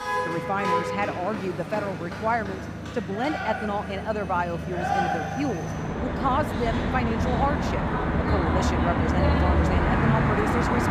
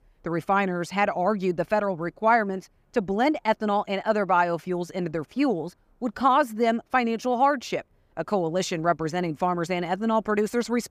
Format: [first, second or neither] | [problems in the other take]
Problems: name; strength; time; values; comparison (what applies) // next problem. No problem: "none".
second | traffic noise; very loud; throughout; 3 dB above the speech